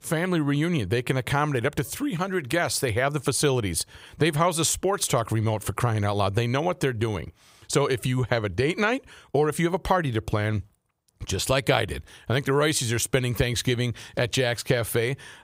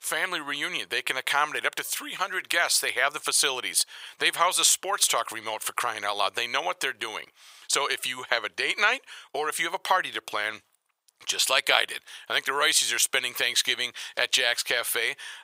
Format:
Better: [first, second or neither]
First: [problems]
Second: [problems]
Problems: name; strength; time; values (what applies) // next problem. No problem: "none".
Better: first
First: none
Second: thin; very; fading below 950 Hz